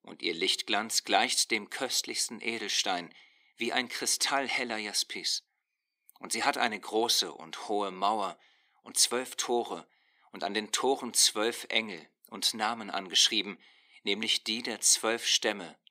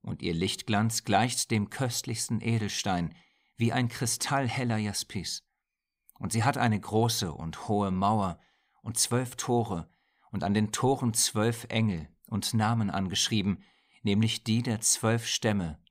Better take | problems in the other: second | thin; somewhat; fading below 300 Hz

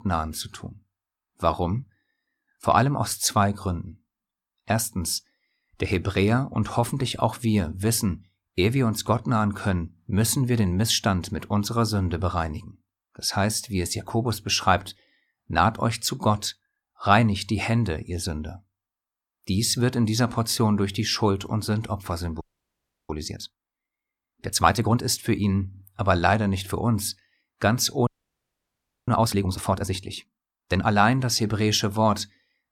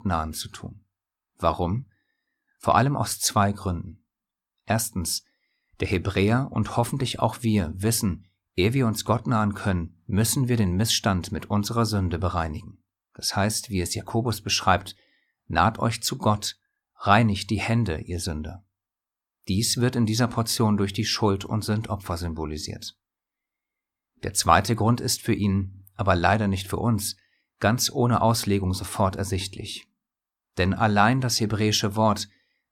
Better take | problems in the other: second | audio freezing; at 22 s for 0.5 s and at 28 s for 1 s

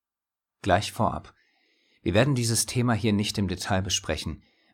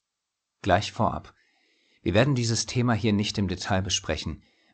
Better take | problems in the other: first | garbled, watery; slightly

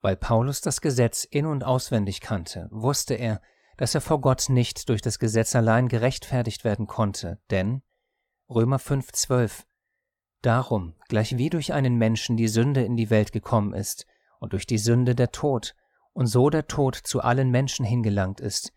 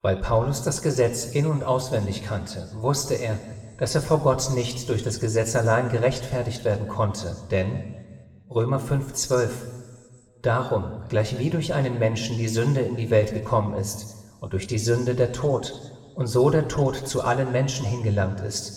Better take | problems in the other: first | room echo; slight; dies away in 1.3 s

